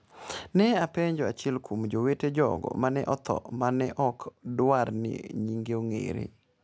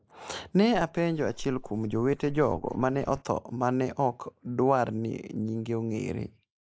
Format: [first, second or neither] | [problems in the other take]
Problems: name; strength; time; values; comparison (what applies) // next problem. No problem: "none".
first | noise reduction (neural mask model Resemble Enhance denoiser)